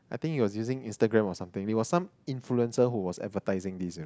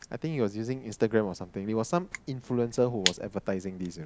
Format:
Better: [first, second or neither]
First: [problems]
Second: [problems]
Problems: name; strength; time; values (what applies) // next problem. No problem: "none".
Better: first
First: none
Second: background sound (Crushing); 10 dB below the speech